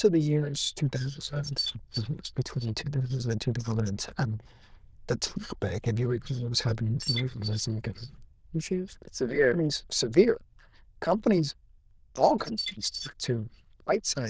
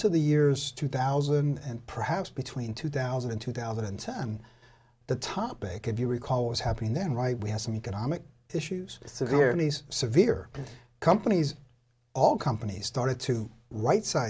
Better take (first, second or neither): second